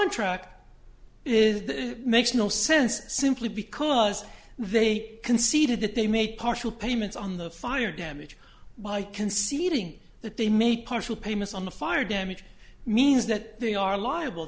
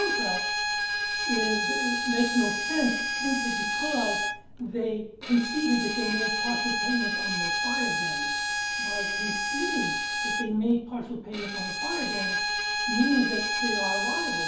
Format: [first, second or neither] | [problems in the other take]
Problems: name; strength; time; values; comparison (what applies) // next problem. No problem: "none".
first | background sound (Bowed string instrument); 1 dB above the speech // room echo; dies away in 0.6 s